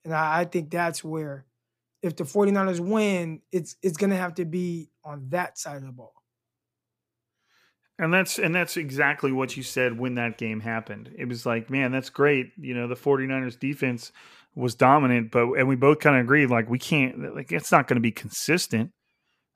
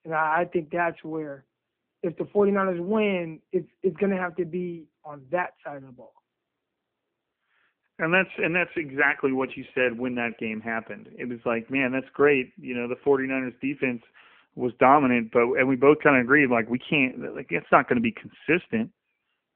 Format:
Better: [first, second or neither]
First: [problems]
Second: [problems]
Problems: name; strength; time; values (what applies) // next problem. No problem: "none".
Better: first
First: none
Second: phone-call audio